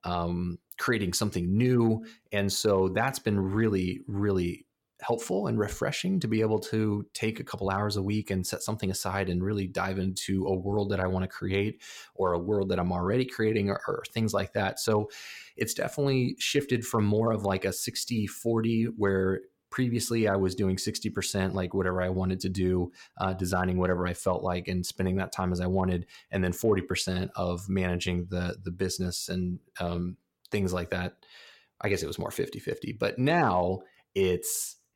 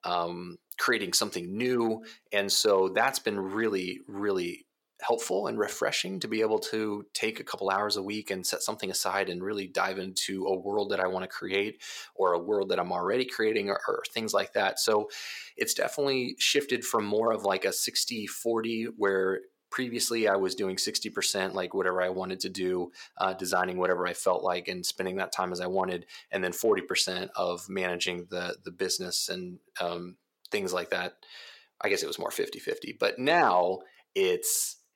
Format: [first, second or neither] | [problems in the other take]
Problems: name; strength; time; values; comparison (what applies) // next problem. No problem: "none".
first | thin; somewhat; fading below 400 Hz